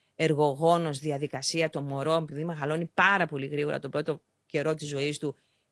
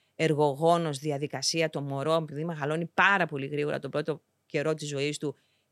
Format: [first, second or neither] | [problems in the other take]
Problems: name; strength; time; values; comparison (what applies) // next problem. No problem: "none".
second | garbled, watery; slightly; nothing above 16 kHz